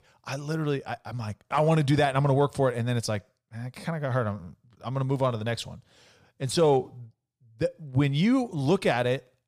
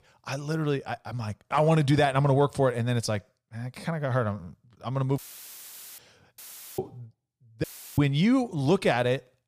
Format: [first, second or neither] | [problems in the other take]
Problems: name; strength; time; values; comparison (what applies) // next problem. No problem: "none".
first | audio cutting out; filled with static; at 5 s for 1 s, at 6.5 s and at 7.5 s